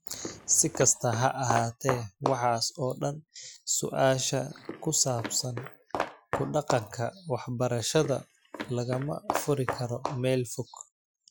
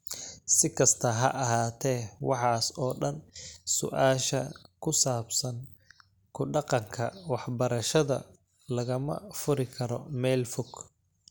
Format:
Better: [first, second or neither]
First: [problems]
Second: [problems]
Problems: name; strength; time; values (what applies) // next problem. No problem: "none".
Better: second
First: noise reduction (classical method Wiener filter)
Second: none